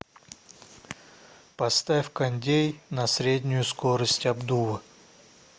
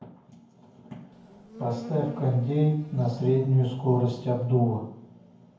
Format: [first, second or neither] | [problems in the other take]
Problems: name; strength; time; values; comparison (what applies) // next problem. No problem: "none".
first | background sound (Insect); 17 dB below the speech // room echo; dies away in 0.9 s